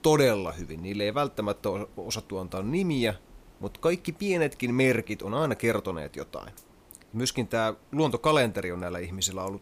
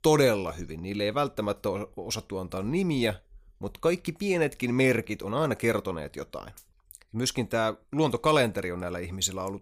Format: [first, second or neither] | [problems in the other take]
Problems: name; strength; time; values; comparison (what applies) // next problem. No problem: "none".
second | hiss; faint; throughout; 30 dB below the speech